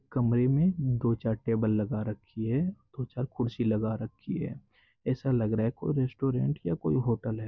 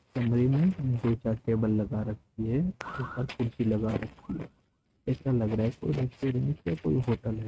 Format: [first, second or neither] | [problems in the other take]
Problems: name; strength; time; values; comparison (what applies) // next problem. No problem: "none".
first | noise reduction (neural mask model RNNoise)